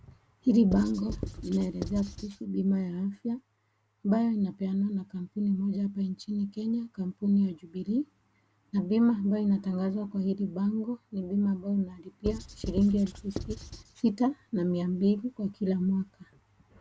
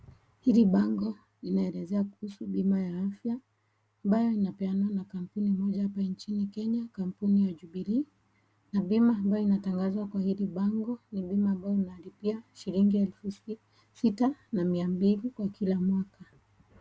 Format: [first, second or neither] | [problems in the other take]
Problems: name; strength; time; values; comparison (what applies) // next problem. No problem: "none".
second | background sound (Writing); 9 dB below the speech